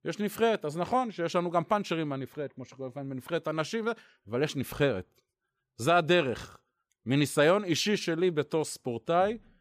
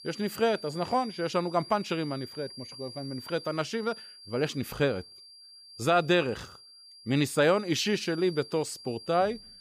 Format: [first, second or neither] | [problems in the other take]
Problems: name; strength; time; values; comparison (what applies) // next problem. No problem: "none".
first | high-pitched whine; noticeable; throughout; 4.5 kHz, 15 dB below the speech